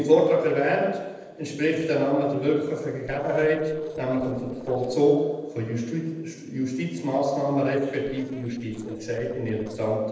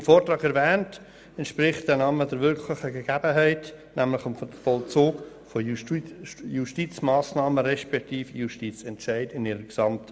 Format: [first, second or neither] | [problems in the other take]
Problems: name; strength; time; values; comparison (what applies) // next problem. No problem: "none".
second | noise reduction (neural separator model SepFormer DNS4)